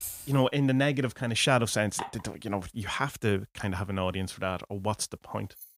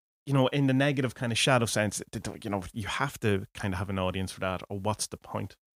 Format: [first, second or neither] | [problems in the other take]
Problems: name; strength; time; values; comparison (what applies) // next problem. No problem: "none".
second | jangling keys; noticeable; at the start; peak 8 dB below the speech // clattering dishes; faint; at 2 s; peak 10 dB below the speech // jangling keys; faint; at 5.5 s; peak 20 dB below the speech